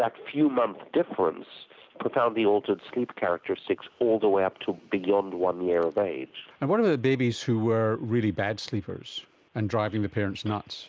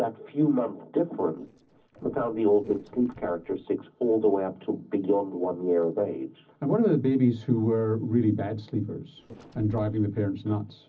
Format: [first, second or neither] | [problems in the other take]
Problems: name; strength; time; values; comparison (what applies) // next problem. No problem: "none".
first | noise reduction (neural separator model SepFormer DNS4)